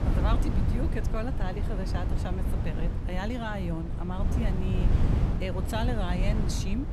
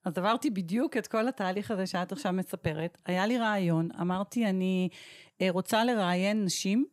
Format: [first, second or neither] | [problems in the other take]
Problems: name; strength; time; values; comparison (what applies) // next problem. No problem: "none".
second | wind noise on the microphone; heavy; 4 dB below the speech